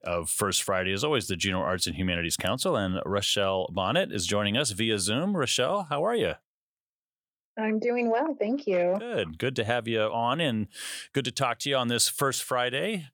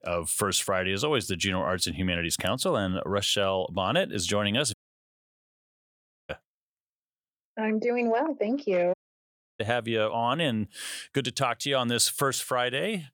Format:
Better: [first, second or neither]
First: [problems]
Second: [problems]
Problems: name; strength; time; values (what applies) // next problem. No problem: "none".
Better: first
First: none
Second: audio cutting out; at 4.5 s for 1.5 s and at 9 s for 0.5 s